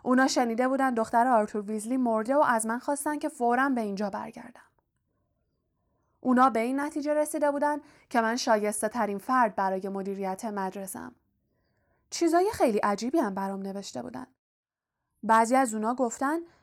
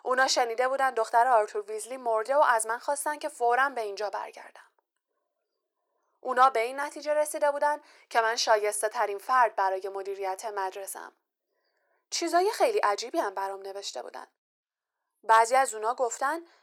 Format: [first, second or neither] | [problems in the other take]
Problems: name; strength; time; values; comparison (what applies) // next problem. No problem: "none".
first | thin; very; fading below 400 Hz